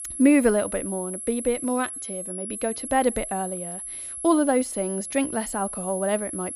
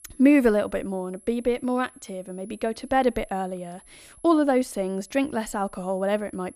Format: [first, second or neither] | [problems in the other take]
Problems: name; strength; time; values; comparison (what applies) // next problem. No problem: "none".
second | high-pitched whine; loud; throughout; 11 kHz, 7 dB below the speech; faint in the second